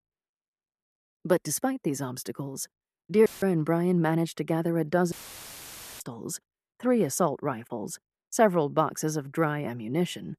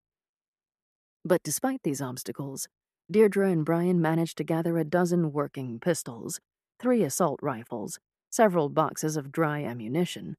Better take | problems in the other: second | audio cutting out; filled with static; at 3.5 s and at 5 s for 1 s

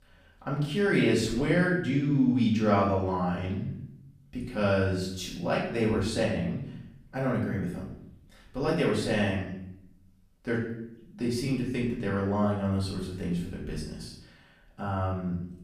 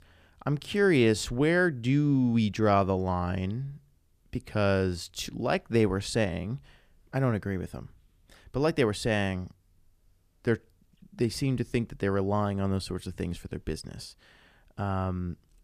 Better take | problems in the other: second | off-mic speech; far // room echo; noticeable; dies away in 0.6 s

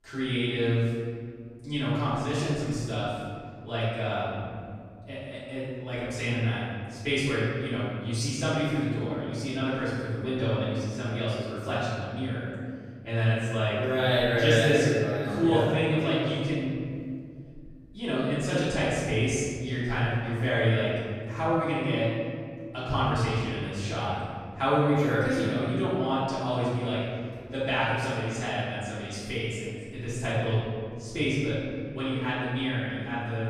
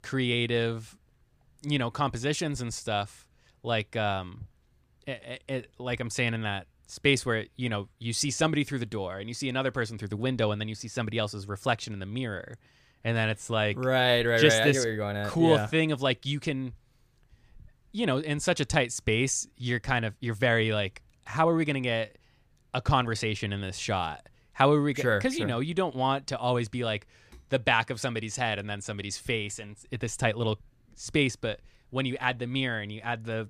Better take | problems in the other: second | off-mic speech; far // room echo; strong; dies away in 2.2 s

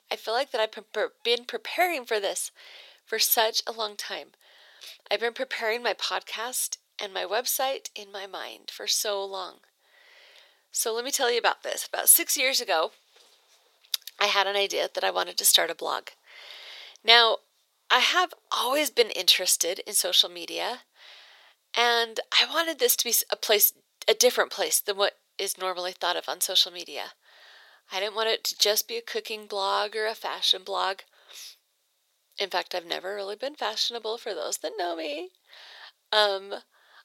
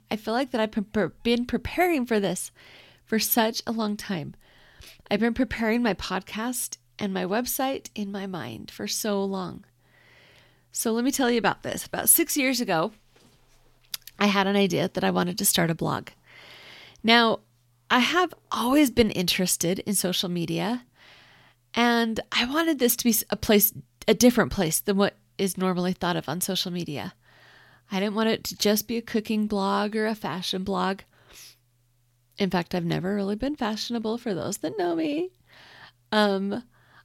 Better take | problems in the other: second | thin; very; fading below 500 Hz

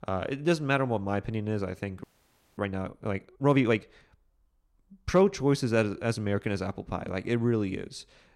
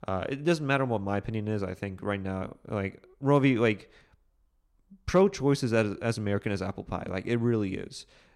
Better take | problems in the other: second | audio freezing; at 2 s for 0.5 s

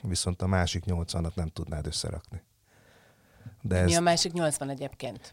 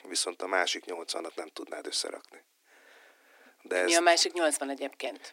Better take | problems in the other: first | thin; very; fading below 300 Hz

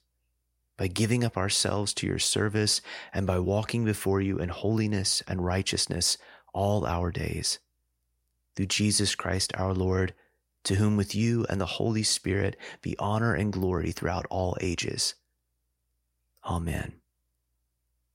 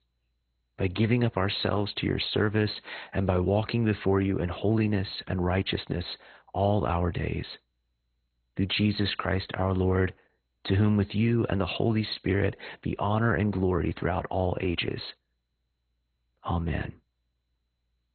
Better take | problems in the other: first | garbled, watery; badly; nothing above 4 kHz

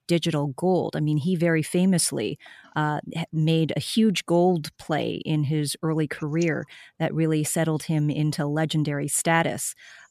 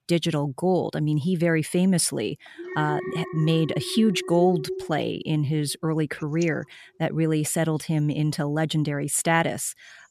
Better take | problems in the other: first | alarm; noticeable; from 2.5 to 5 s; peak 6 dB below the speech

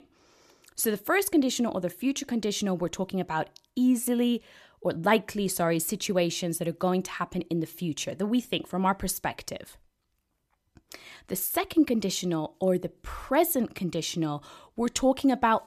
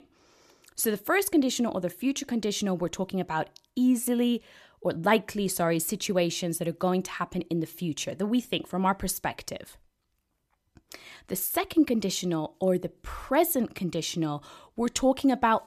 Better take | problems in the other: neither | none

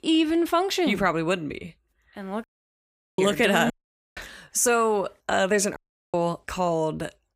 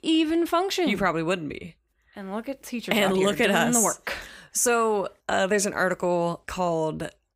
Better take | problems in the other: second | audio cutting out; at 2.5 s for 0.5 s, at 3.5 s and at 6 s

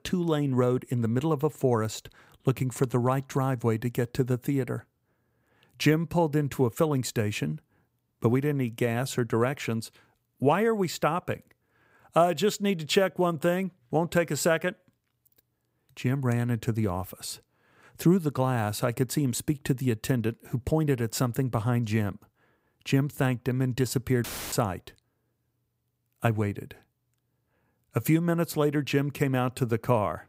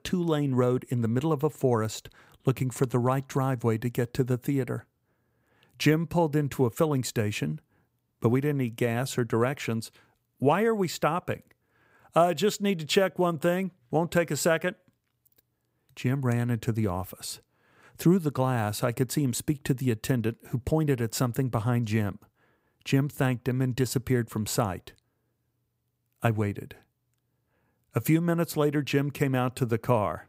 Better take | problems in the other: second | audio cutting out; filled with static; at 24 s

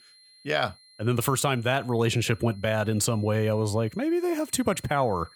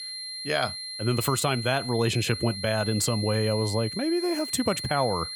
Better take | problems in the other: first | high-pitched whine; loud; throughout; 4 kHz, 7 dB below the speech; faint in the first

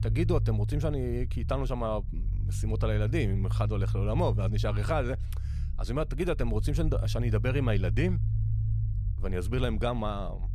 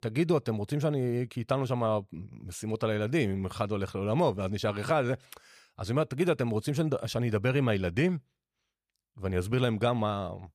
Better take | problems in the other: second | low rumble; noticeable; throughout; 15 dB below the speech

